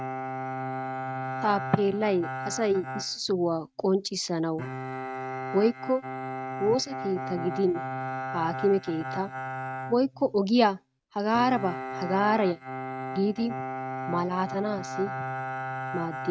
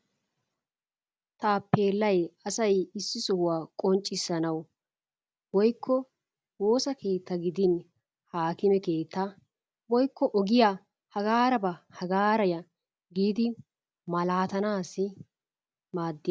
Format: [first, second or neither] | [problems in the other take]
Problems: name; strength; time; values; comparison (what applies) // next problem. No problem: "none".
second | noise reduction (neural mask model RNNoise)